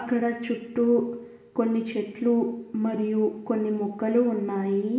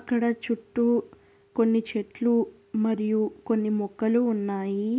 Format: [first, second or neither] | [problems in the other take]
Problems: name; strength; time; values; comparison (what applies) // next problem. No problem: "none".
second | room echo; dies away in 0.8 s